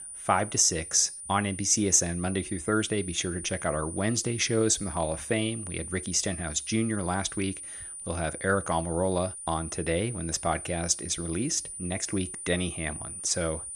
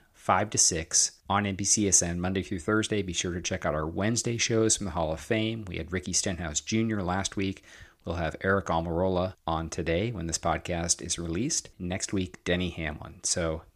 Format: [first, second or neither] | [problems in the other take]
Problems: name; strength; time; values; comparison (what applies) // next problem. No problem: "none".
second | high-pitched whine; loud; throughout; 9.5 kHz, 9 dB below the speech